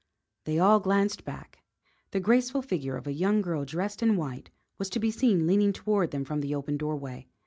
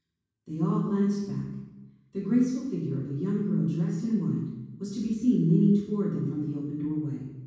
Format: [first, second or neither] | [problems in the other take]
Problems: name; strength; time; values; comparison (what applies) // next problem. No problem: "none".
first | room echo; dies away in 1.2 s